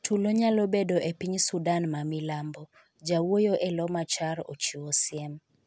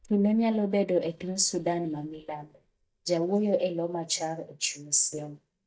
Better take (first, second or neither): first